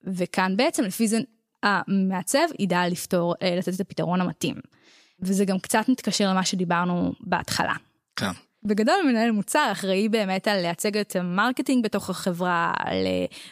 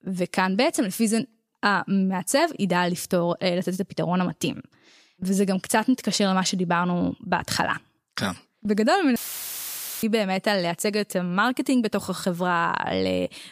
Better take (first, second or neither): first